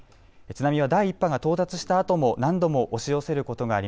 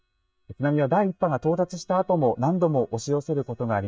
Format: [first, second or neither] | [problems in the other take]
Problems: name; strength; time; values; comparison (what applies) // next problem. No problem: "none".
first | noise reduction (neural mask model DeepFilterNet 3)